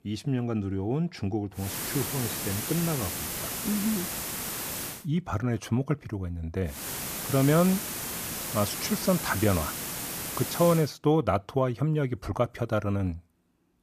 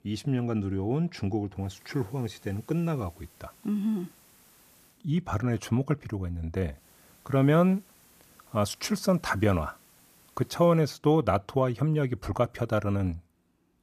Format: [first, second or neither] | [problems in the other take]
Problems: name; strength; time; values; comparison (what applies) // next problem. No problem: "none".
second | hiss; loud; from 1.5 to 5 s and from 7 to 11 s; 3 dB below the speech; faint in the second